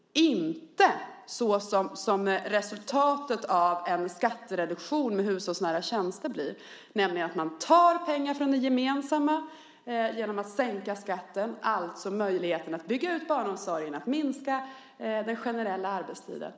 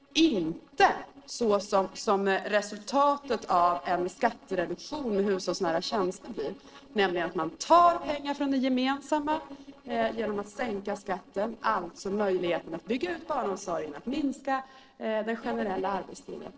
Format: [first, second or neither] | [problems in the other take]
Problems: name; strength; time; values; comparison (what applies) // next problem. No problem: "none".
first | noise reduction (neural separator model SepFormer DNS4)